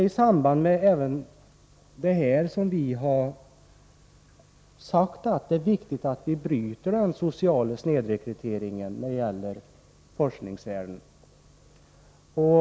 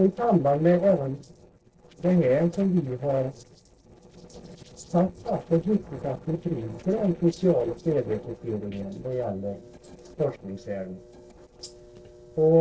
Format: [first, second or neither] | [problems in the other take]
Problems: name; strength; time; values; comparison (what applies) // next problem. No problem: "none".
first | noise reduction (neural separator model SepFormer DNS4)